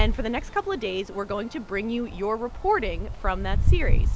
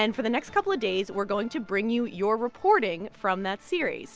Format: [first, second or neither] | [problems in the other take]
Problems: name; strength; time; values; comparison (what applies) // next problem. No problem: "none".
second | background sound (Wind); 3 dB above the speech